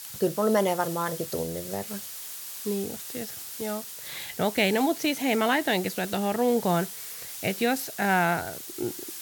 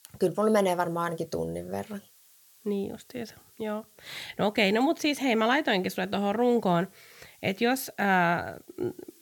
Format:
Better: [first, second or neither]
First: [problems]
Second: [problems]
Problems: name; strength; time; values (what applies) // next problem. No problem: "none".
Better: second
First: hiss; loud; throughout; 9 dB below the speech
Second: hiss; faint; throughout; 30 dB below the speech